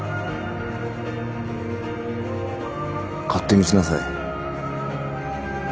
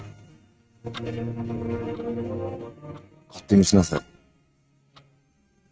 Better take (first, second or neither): first